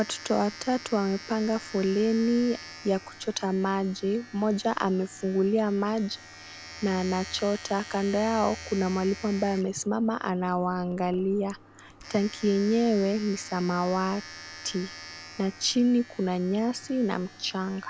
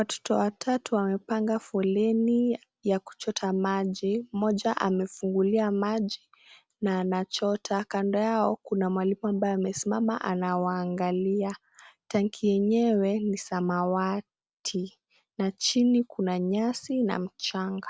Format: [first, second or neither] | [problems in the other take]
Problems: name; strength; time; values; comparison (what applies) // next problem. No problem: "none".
second | background sound (Domestic sounds, home sounds); 17 dB below the speech